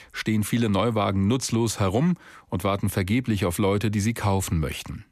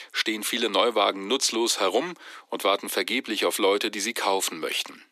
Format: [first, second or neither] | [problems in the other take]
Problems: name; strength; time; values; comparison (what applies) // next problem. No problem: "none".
first | thin; very; fading below 300 Hz